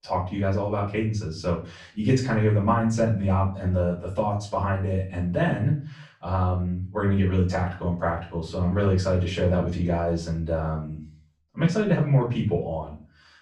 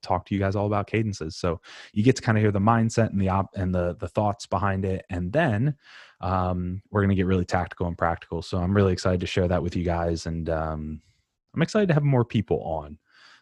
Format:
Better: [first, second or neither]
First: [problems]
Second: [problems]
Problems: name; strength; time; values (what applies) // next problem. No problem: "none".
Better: second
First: room echo; slight; dies away in 0.3 s // off-mic speech; far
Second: none